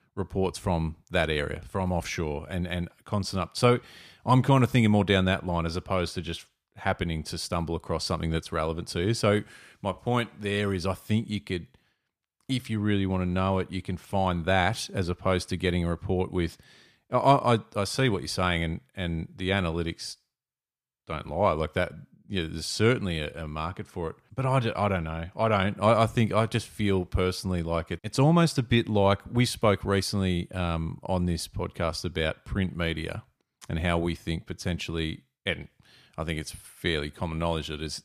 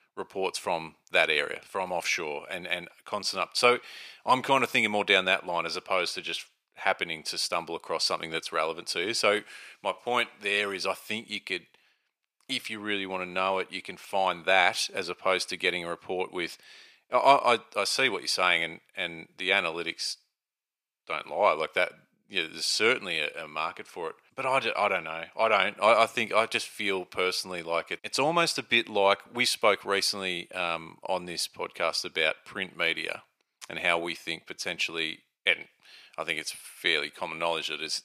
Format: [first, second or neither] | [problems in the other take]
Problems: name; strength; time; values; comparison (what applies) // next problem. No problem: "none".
first | thin; very; fading below 500 Hz